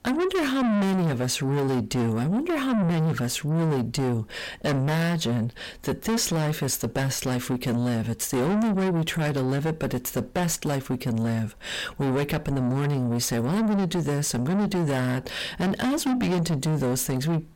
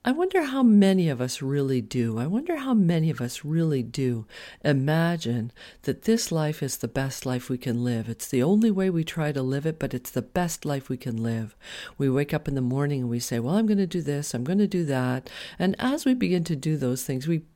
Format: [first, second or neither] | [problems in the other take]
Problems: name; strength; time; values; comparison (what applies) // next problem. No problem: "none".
second | distortion; heavy; 5 dB below the speech